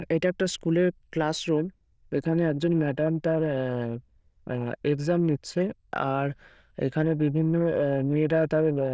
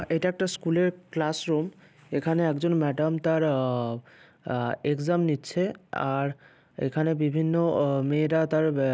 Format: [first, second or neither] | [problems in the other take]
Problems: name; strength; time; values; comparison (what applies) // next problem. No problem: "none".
second | noise reduction (neural diffusion model UNIVERSE++)